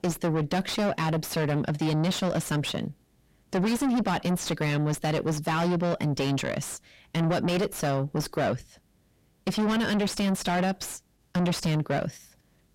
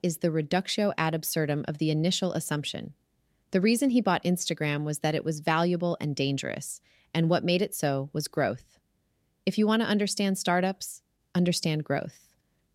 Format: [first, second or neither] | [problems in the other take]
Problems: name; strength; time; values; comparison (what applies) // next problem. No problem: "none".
second | distortion; heavy; 6 dB below the speech